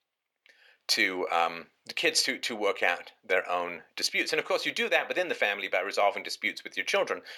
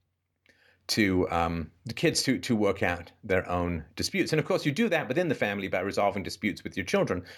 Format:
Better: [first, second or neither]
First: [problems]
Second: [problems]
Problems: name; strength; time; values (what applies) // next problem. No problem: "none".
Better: second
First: thin; very; fading below 600 Hz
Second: none